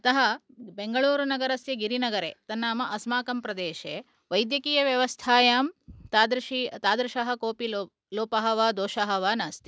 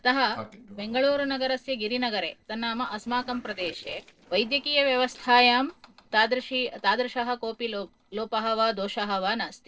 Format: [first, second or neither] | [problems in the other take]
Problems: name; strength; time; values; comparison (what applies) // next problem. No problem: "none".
first | noise reduction (neural separator model SepFormer DNS4)